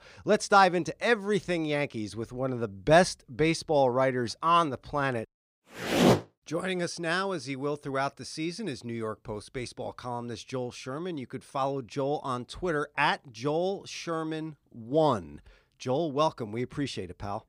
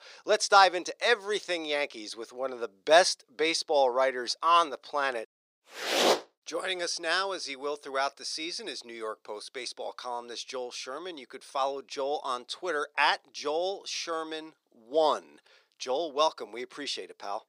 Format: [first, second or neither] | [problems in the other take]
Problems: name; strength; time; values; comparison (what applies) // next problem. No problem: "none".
first | thin; very; fading below 450 Hz